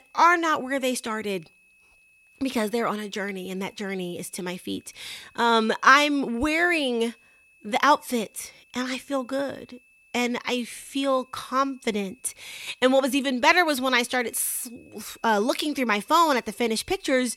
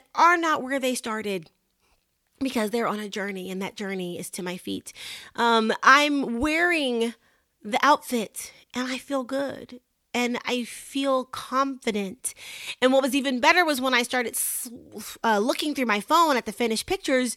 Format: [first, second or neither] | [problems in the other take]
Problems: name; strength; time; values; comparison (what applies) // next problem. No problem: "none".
second | high-pitched whine; faint; throughout; 2.5 kHz, 30 dB below the speech